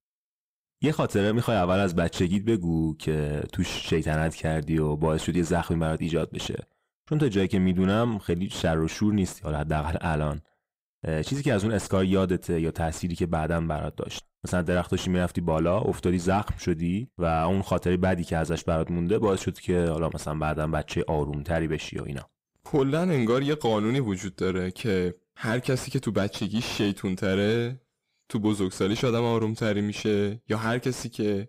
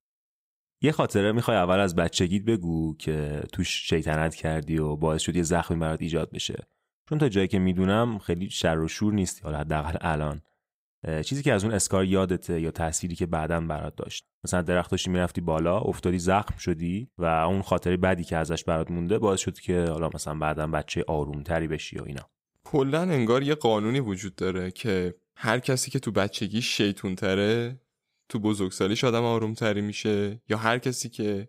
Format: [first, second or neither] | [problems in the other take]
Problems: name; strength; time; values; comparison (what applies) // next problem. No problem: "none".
second | distortion; slight; 10 dB below the speech